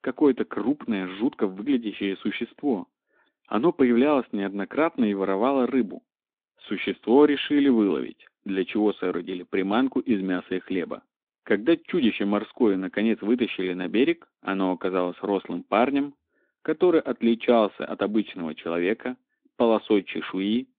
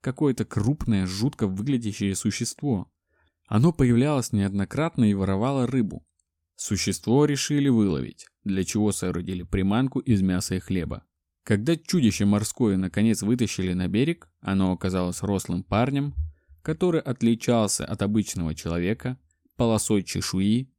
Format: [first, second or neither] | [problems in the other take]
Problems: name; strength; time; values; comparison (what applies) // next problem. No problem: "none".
second | phone-call audio